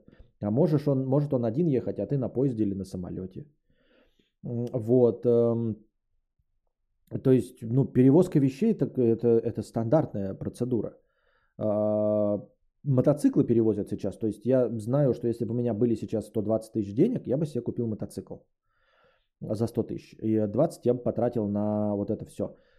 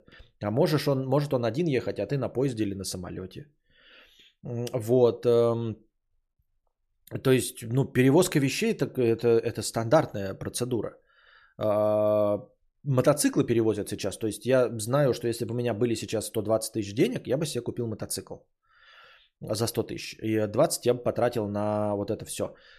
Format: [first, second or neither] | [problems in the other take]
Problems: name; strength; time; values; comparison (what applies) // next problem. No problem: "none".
second | muffled; slightly; fading above 1 kHz